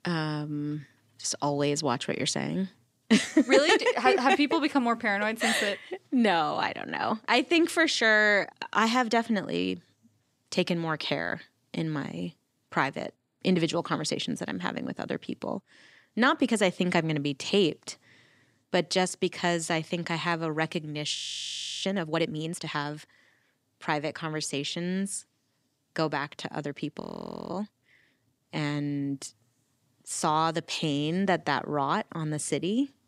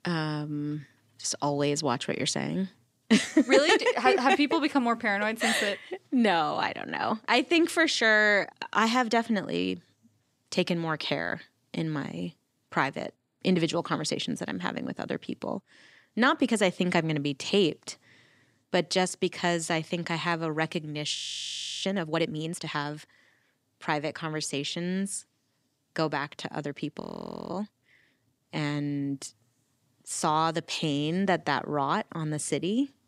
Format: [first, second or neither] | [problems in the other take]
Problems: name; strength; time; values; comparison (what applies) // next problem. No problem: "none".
neither | audio freezing; at 21 s for 0.5 s and at 27 s for 0.5 s; the same in both